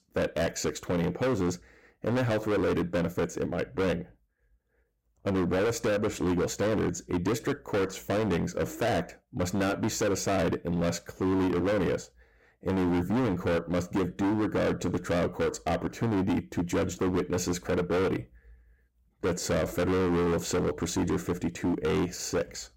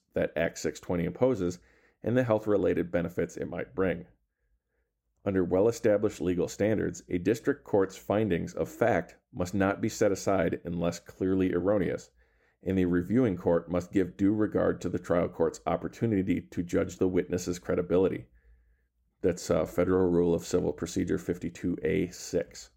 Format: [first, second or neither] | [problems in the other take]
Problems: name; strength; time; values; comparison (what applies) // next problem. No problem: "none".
second | distortion; heavy; 23% of the sound clipped